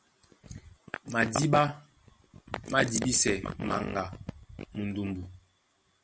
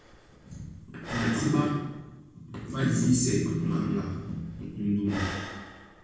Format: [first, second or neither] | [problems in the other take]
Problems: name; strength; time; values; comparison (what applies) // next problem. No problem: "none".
first | background sound (Breathing); 14 dB below the speech // room echo; dies away in 1.2 s